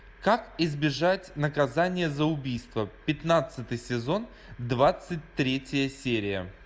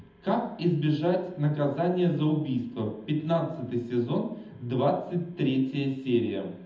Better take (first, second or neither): first